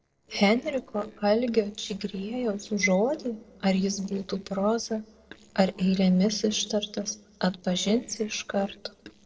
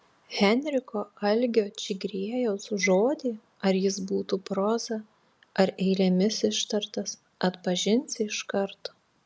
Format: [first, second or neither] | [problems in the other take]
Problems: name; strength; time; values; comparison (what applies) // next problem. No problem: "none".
second | noise reduction (neural separator model SepFormer DNS4)